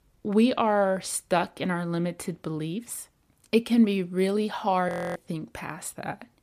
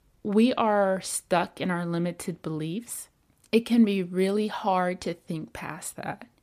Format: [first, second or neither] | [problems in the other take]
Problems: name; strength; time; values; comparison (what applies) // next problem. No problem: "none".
second | audio freezing; at 5 s